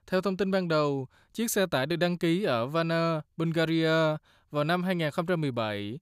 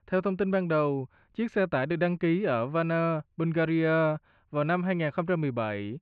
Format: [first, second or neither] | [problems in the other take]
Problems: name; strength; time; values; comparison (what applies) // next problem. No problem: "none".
first | muffled; very; fading above 2.5 kHz